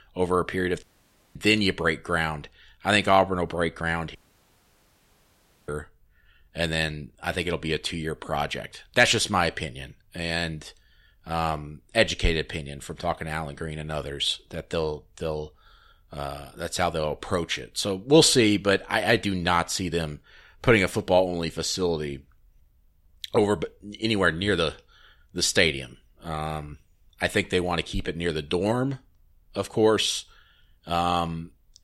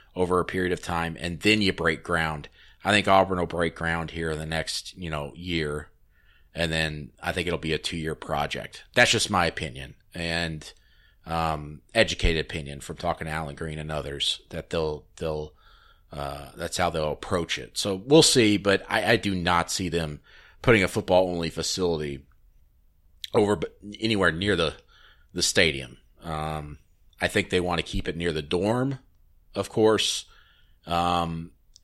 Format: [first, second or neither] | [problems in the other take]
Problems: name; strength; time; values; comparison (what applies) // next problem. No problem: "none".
second | audio cutting out; at 1 s for 0.5 s and at 4 s for 1.5 s